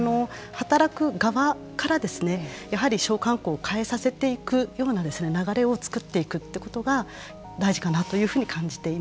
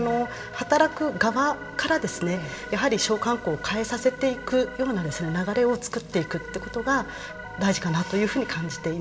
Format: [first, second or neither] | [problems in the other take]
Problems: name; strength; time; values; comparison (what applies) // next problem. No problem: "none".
first | background sound (Organ); 14 dB below the speech // room echo; dies away in 2.1 s